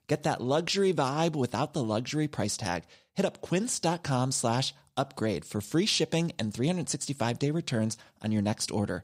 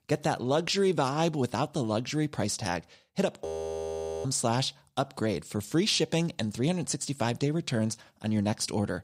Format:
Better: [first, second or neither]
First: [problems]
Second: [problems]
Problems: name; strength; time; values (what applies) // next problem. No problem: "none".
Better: first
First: none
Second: audio freezing; at 3.5 s for 1 s